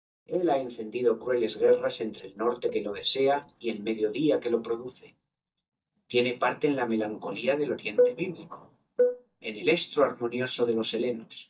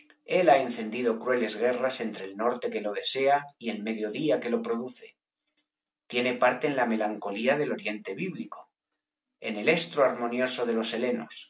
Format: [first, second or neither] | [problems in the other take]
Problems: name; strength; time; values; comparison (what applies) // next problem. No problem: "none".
second | noise reduction (neural mask model DeepFilterNet 3)